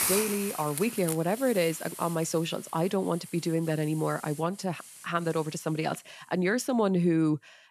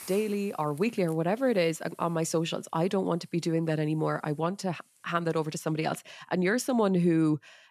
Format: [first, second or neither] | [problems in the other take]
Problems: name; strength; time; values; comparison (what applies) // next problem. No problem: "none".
second | hiss; loud; throughout; 9 dB below the speech; faint in the second